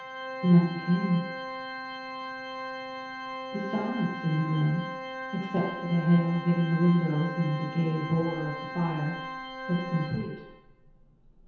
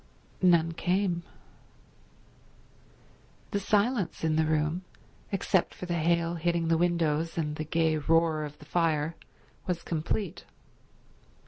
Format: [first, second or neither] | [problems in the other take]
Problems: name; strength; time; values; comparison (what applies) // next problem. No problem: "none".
second | background sound (Organ); 9 dB below the speech // room echo; dies away in 0.9 s